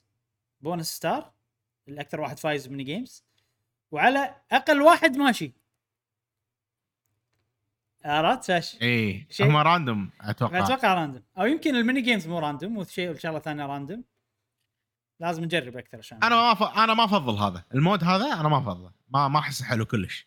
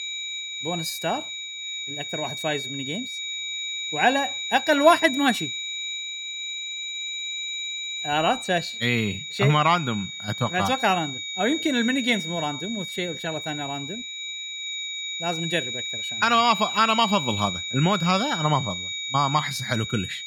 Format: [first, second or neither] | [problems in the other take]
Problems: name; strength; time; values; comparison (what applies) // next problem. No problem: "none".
first | high-pitched whine; loud; throughout; 4 kHz, 5 dB below the speech